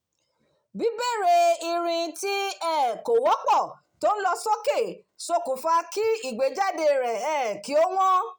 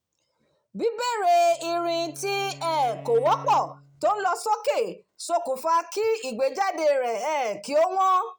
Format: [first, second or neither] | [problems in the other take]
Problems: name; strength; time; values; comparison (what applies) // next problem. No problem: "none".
first | background sound (Bowed string instrument); 20 dB below the speech